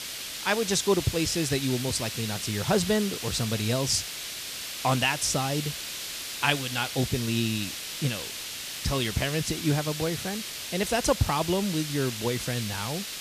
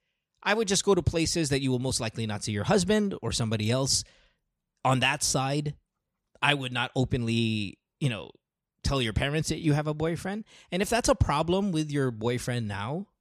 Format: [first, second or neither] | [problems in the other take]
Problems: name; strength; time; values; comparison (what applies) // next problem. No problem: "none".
second | hiss; loud; throughout; 5 dB below the speech